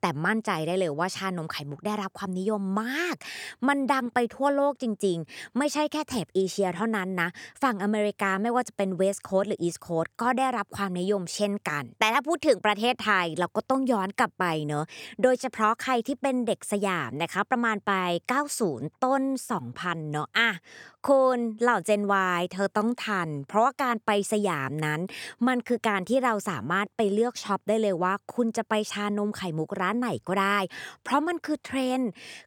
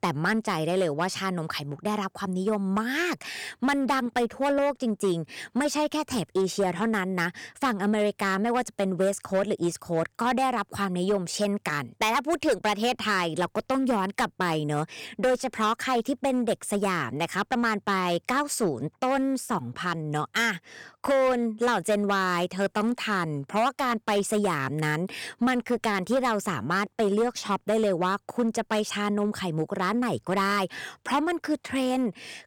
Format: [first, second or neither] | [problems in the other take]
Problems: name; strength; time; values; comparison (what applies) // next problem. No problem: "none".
first | distortion; slight; 8% of the sound clipped